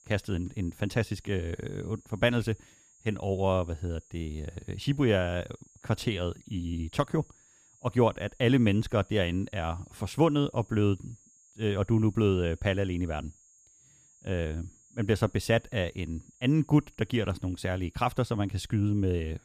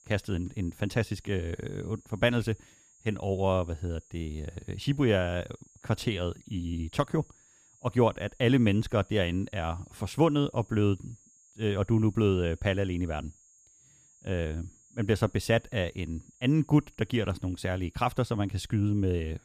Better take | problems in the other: neither | high-pitched whine; faint; throughout; 6.5 kHz, 30 dB below the speech; the same in both

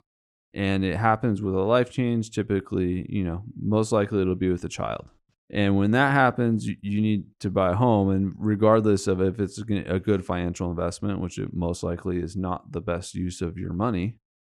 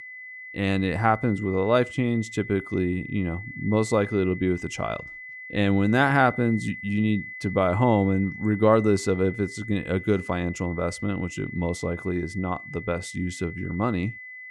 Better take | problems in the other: first | high-pitched whine; noticeable; throughout; 2 kHz, 15 dB below the speech

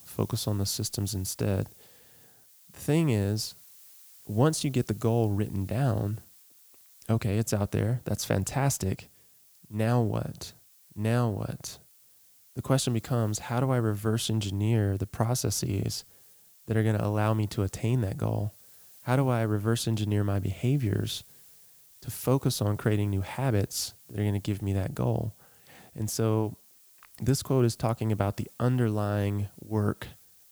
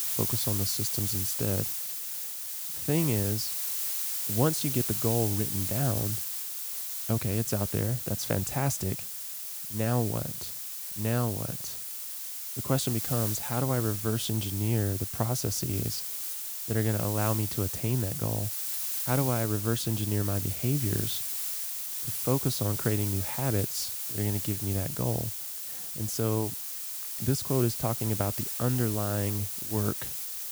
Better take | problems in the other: first | hiss; loud; throughout; 1 dB below the speech; faint in the first

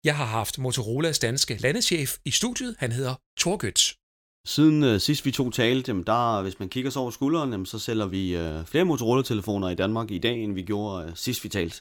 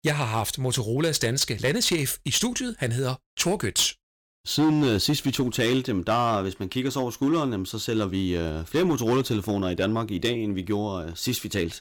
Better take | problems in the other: first | distortion; slight; 5% of the sound clipped

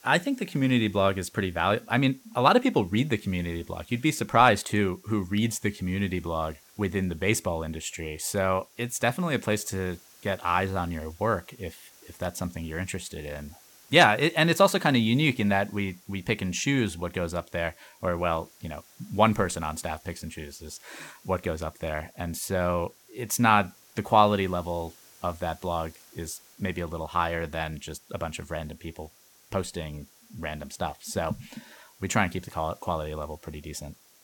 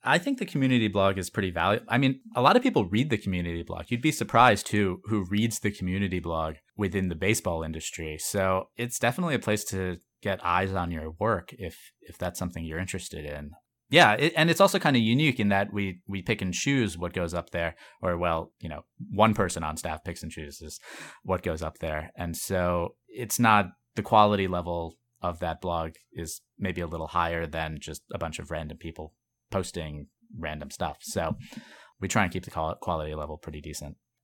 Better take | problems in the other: second | hiss; faint; throughout; 25 dB below the speech

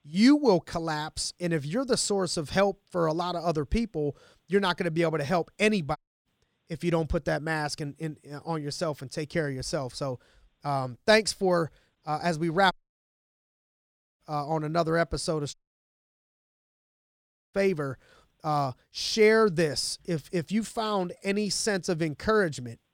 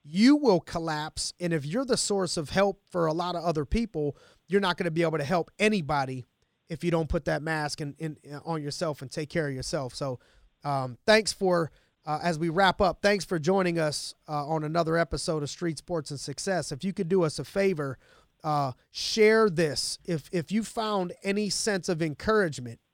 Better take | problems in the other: second | audio cutting out; at 6 s, at 13 s for 1.5 s and at 16 s for 2 s

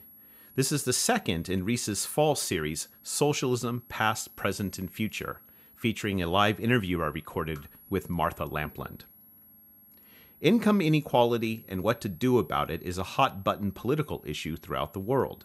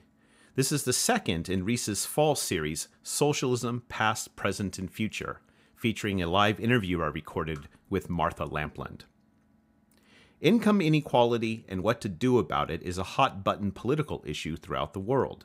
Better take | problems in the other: second | high-pitched whine; faint; throughout; 11.5 kHz, 25 dB below the speech

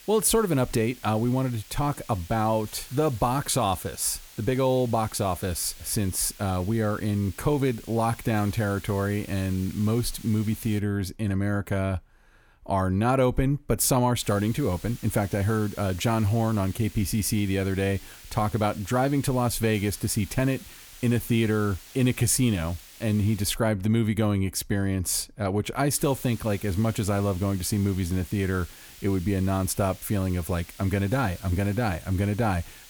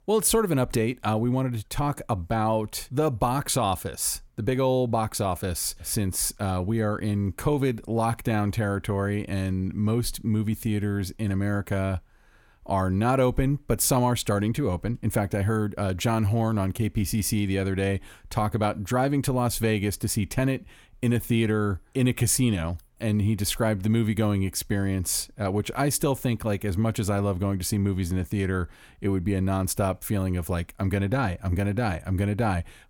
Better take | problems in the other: second | hiss; noticeable; until 11 s, from 14 to 23 s and from 26 s on; 20 dB below the speech

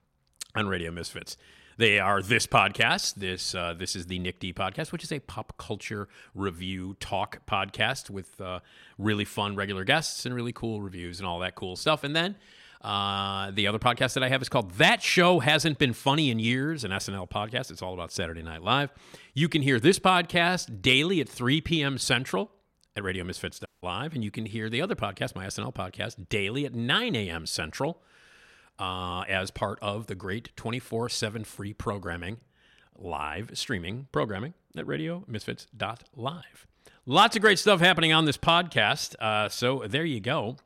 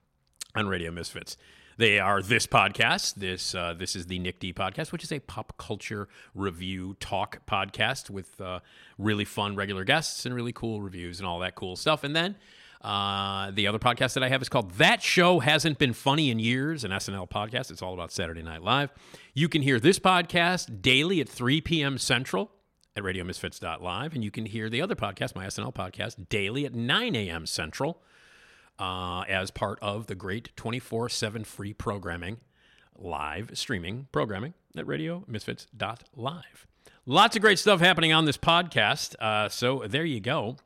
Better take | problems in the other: second | audio cutting out; at 24 s

